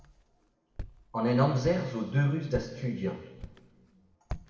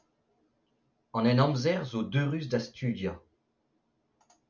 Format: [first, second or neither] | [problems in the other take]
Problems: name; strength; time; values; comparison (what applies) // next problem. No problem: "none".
second | background sound (Walk, footsteps); 14 dB below the speech // room echo; dies away in 1.6 s